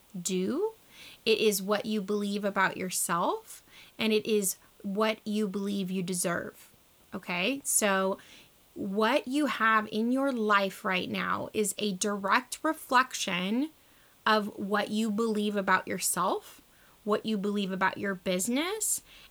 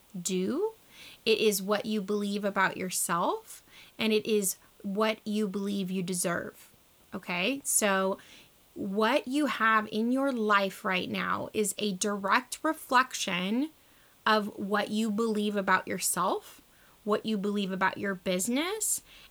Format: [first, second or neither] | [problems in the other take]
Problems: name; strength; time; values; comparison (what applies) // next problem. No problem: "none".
neither | hiss; faint; throughout; 30 dB below the speech; the same in both